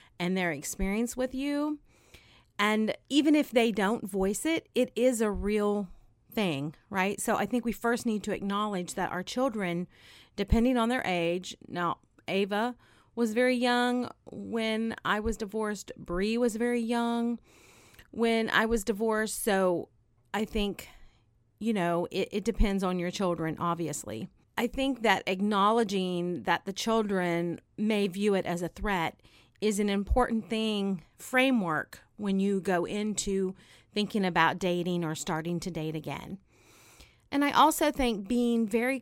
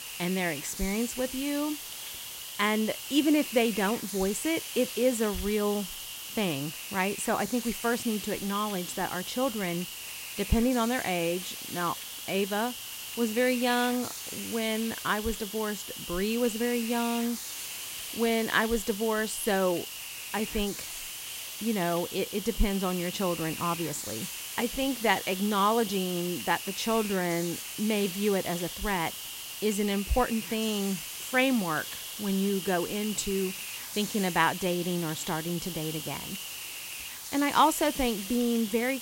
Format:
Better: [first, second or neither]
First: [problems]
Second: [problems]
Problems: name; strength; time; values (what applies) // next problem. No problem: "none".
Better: first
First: none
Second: hiss; loud; throughout; 7 dB below the speech